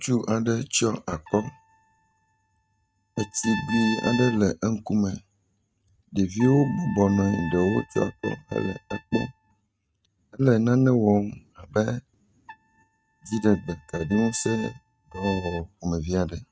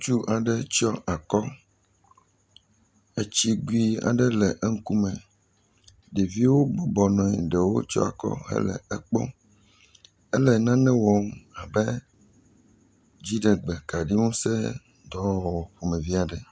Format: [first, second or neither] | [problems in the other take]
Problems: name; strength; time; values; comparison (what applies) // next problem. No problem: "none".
second | noise reduction (neural mask model RNNoise)